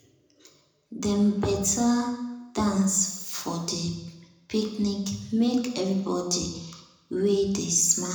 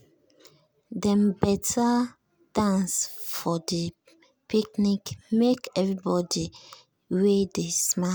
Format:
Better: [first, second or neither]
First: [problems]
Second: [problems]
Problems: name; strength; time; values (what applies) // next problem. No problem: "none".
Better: second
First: room echo; dies away in 0.9 s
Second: none